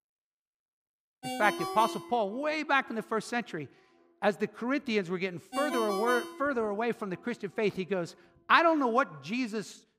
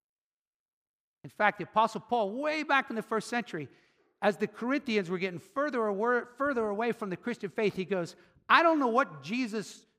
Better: second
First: phone ringing; noticeable; from 1 to 6.5 s; peak 4 dB below the speech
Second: none

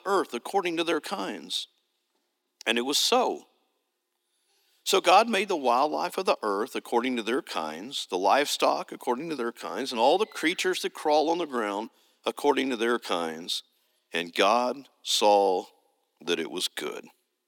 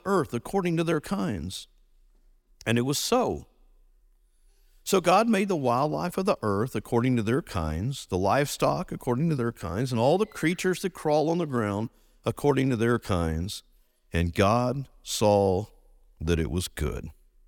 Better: second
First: thin; somewhat; fading below 250 Hz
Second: none

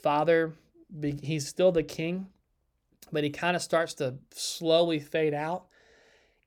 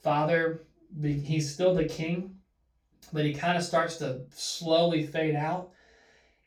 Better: first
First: none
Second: room echo; slight; dies away in 0.2 s // off-mic speech; far

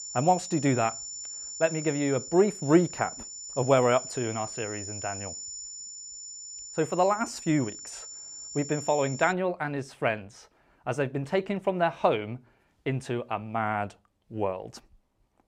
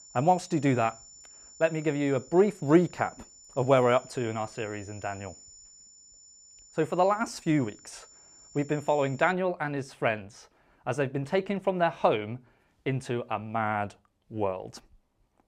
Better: second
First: high-pitched whine; loud; until 9.5 s; 7 kHz, 10 dB below the speech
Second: high-pitched whine; faint; until 9.5 s; 7 kHz, 20 dB below the speech

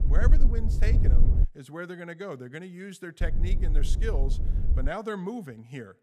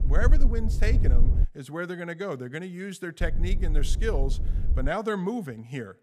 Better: second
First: wind noise on the microphone; heavy; until 1.5 s and from 3 to 5 s; 7 dB below the speech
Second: wind noise on the microphone; occasional gusts; until 1.5 s and from 3 to 5 s; 10 dB below the speech

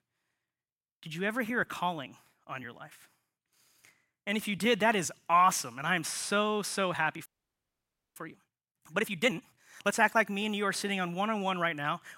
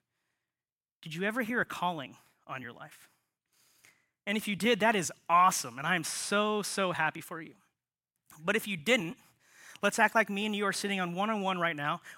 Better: second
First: audio freezing; at 7.5 s for 1 s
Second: none

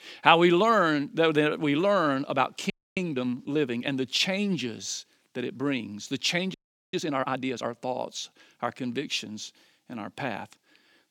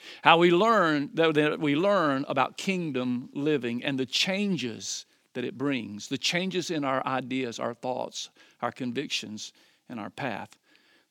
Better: second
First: audio freezing; at 2.5 s and at 6.5 s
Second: none

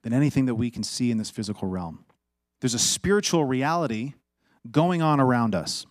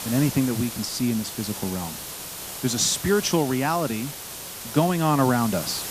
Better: first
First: none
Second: hiss; loud; throughout; 9 dB below the speech

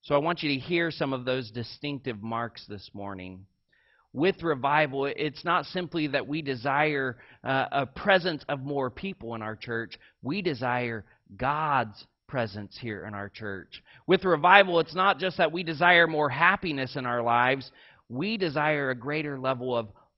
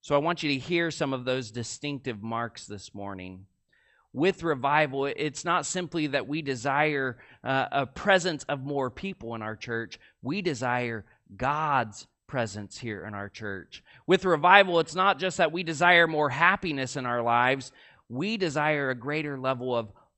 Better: second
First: garbled, watery; badly; nothing above 5.5 kHz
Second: garbled, watery; slightly; nothing above 8 kHz

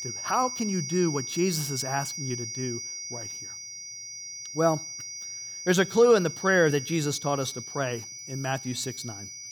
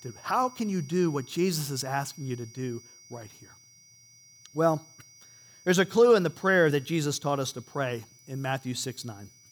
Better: second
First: high-pitched whine; loud; throughout; 5.5 kHz, 8 dB below the speech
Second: high-pitched whine; faint; throughout; 5.5 kHz, 25 dB below the speech

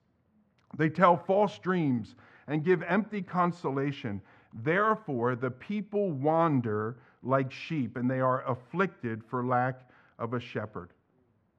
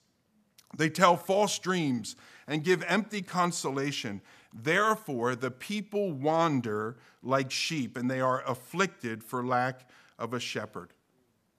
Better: second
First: muffled; very; fading above 1.5 kHz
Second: none

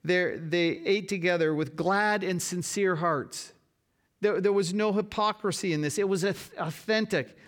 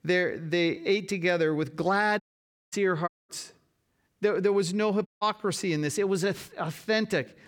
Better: first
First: none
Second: audio cutting out; at 2 s for 0.5 s, at 3 s and at 5 s

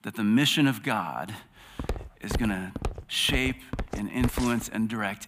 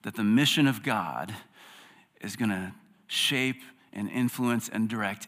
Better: second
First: footsteps; noticeable; from 2 to 4.5 s; peak 6 dB below the speech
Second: none

